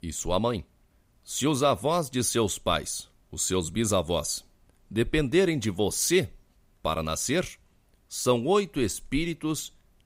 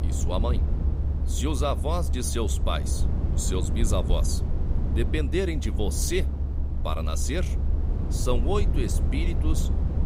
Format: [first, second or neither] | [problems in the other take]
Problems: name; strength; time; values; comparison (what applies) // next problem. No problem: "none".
first | low rumble; loud; throughout; 9 dB below the speech